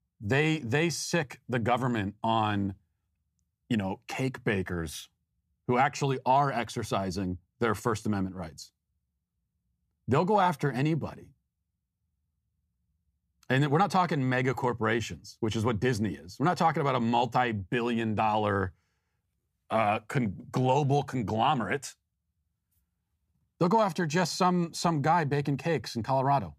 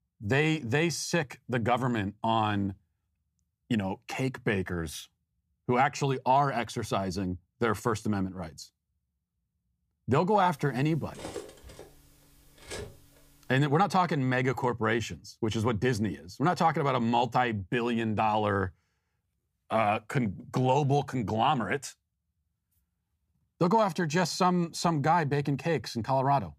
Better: first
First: none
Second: clattering dishes; faint; from 11 to 13 s; peak 10 dB below the speech

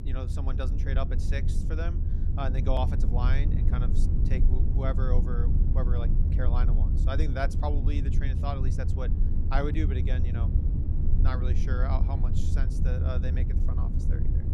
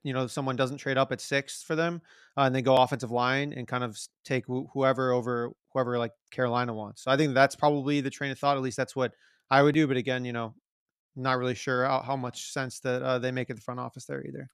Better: second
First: low rumble; loud; throughout; 5 dB below the speech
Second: none

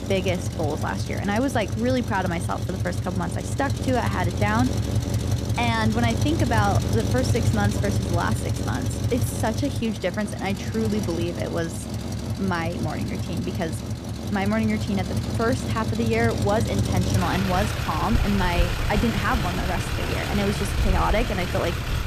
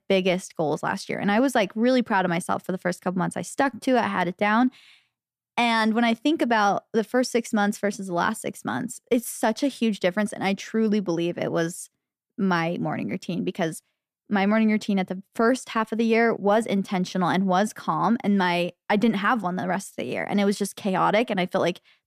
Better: second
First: traffic noise; loud; throughout; as loud as the speech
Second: none

